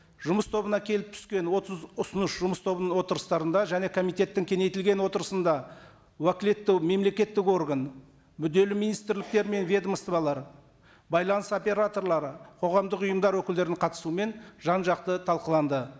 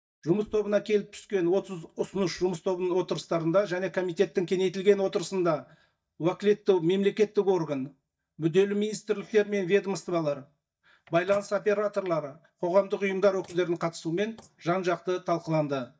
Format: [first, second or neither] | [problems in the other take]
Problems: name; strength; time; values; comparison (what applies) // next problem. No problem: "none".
first | noise reduction (neural mask model DeepFilterNet 3)